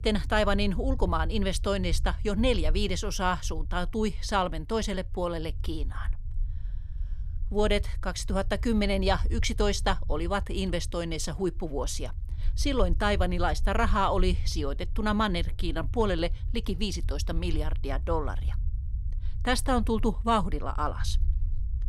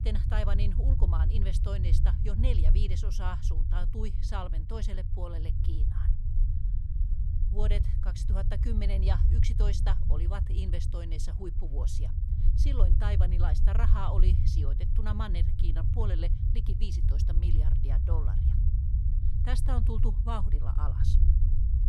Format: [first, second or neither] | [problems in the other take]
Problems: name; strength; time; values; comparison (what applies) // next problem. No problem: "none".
first | low rumble; loud; throughout; 4 dB below the speech; faint in the first